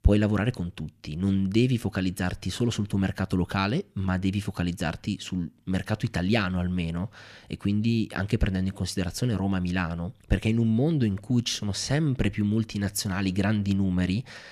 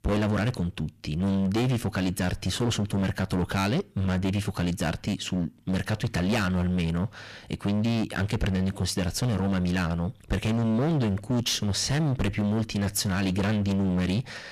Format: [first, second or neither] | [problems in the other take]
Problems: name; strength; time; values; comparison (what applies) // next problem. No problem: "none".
first | distortion; heavy; 22% of the sound clipped